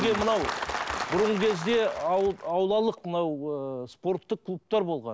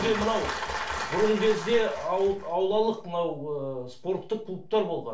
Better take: first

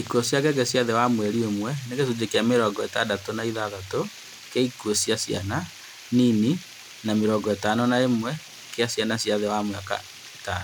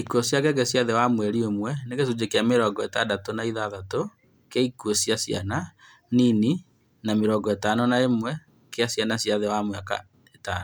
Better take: second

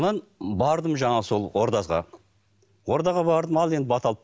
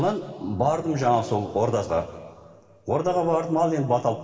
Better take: first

